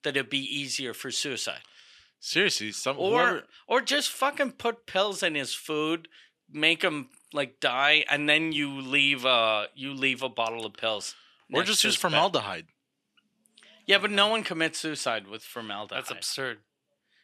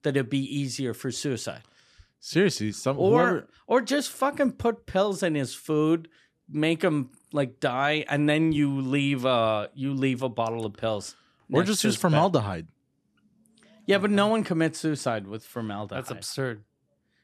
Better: second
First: thin; somewhat; fading below 750 Hz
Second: none

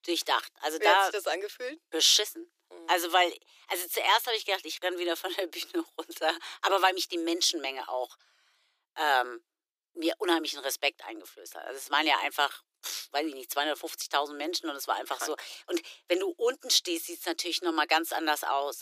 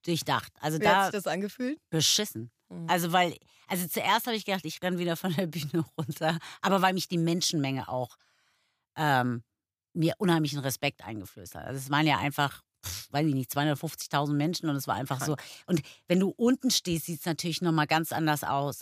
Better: second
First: thin; very; fading below 350 Hz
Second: none

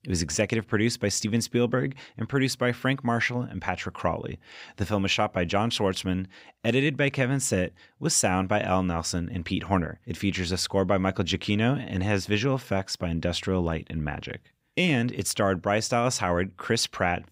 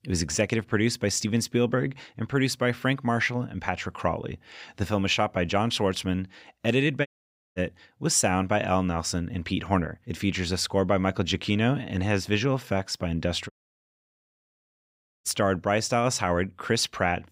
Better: first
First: none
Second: audio cutting out; at 7 s for 0.5 s and at 14 s for 1.5 s

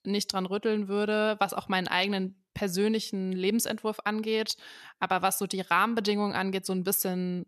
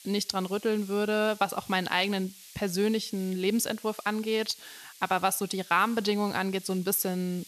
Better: first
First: none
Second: hiss; noticeable; throughout; 20 dB below the speech

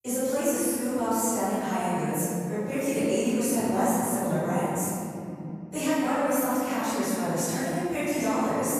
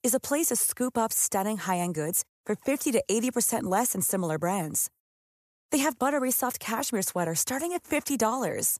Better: second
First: off-mic speech; far // room echo; strong; dies away in 3 s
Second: none

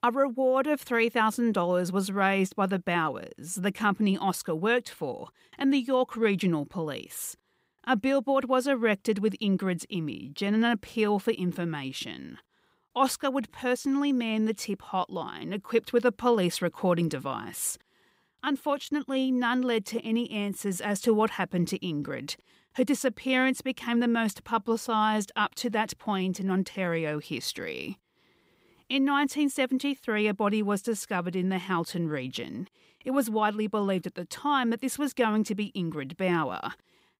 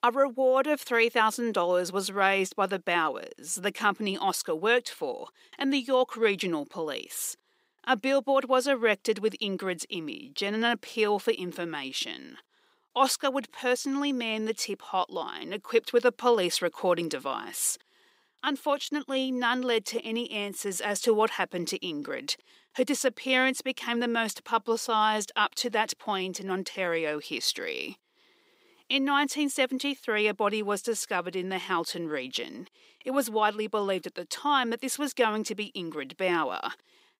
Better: first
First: none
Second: thin; very slightly; fading below 350 Hz

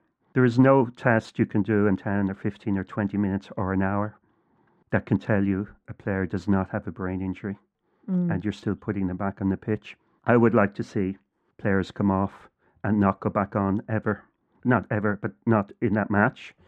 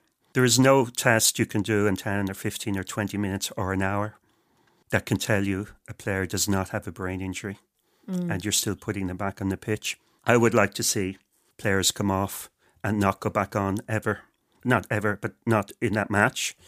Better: second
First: muffled; very; fading above 1.5 kHz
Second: none

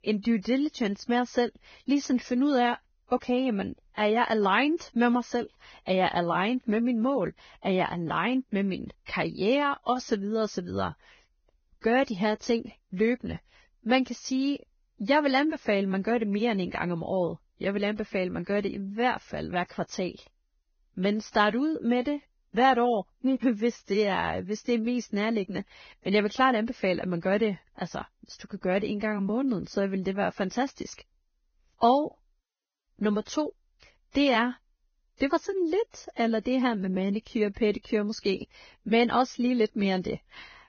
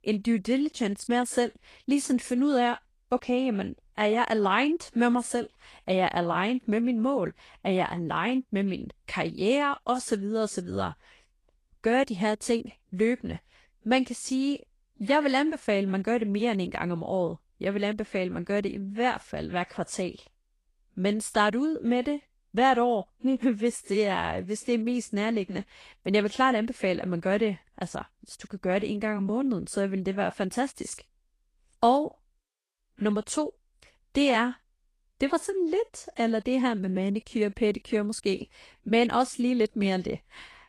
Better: second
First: garbled, watery; badly; nothing above 6.5 kHz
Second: garbled, watery; slightly

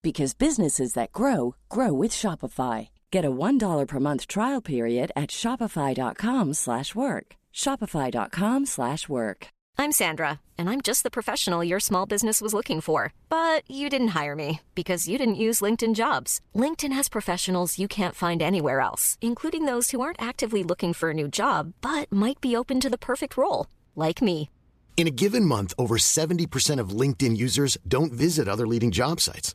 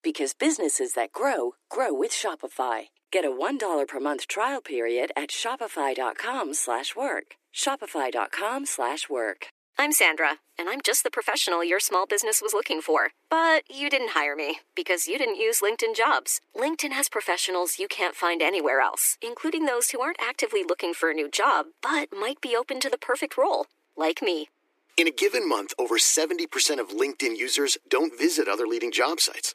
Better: first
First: none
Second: thin; very; fading below 300 Hz

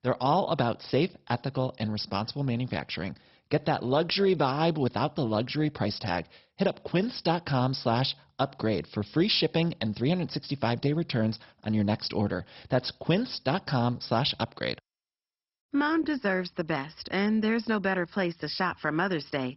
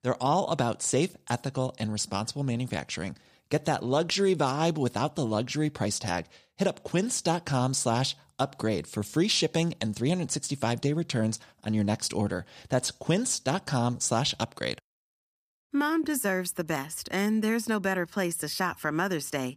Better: second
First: garbled, watery; badly; nothing above 5.5 kHz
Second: none

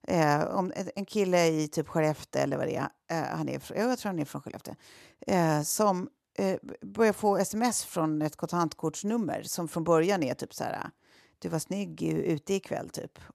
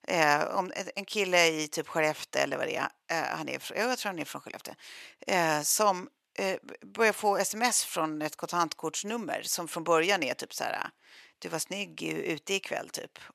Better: first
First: none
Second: thin; somewhat; fading below 800 Hz

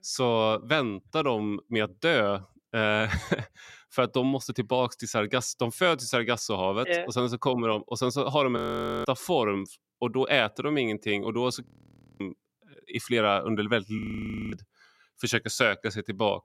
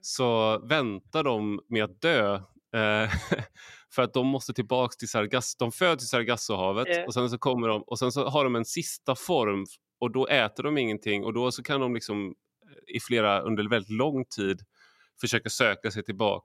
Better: second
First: audio freezing; at 8.5 s, at 12 s for 0.5 s and at 14 s for 0.5 s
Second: none

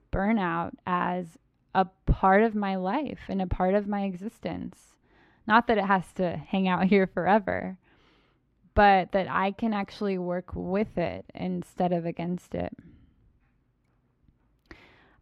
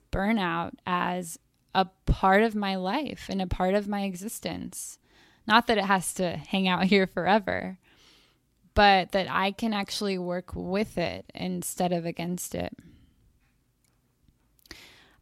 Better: second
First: muffled; slightly; fading above 4 kHz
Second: none

